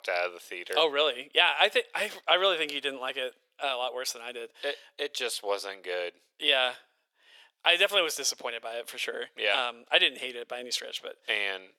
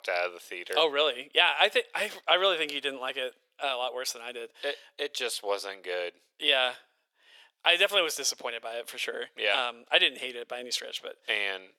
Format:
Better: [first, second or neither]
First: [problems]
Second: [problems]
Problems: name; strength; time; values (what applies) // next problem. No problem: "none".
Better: neither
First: thin; very; fading below 500 Hz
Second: thin; very; fading below 500 Hz